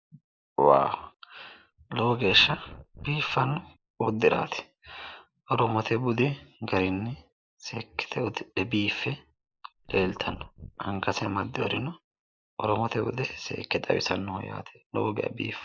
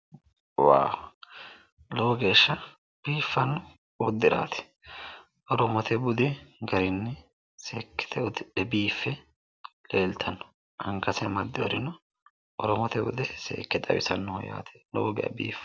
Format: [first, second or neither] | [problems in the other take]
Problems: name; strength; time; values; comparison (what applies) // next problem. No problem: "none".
second | noise reduction (neural mask model Resemble Enhance denoiser)